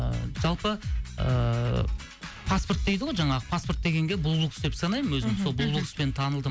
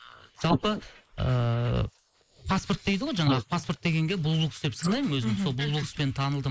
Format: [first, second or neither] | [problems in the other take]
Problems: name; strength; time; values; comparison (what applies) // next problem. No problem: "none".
first | noise reduction (neural mask model Resemble Enhance denoiser)